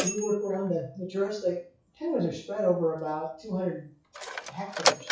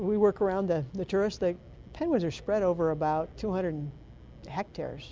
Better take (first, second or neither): second